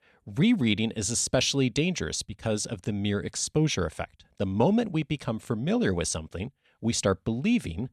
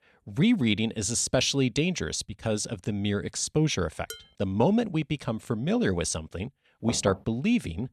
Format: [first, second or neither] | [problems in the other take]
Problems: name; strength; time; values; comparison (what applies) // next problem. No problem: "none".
first | clattering dishes; faint; at 4 s; peak 15 dB below the speech // door banging; noticeable; at 7 s; peak 8 dB below the speech